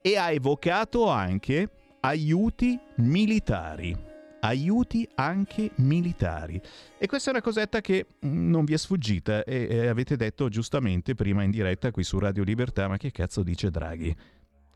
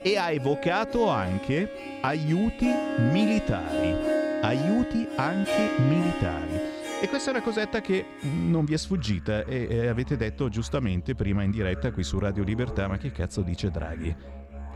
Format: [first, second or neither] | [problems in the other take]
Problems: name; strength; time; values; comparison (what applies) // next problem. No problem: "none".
first | background music; loud; throughout; 5 dB below the speech; faint in the first